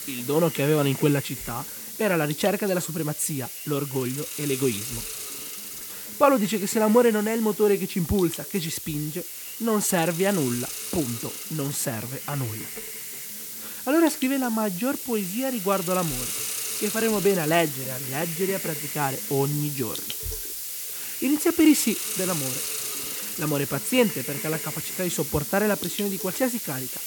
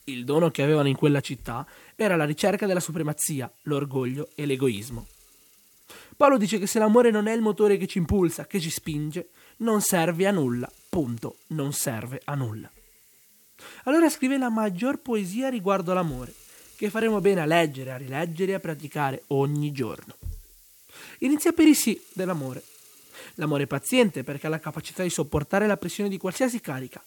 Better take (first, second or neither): second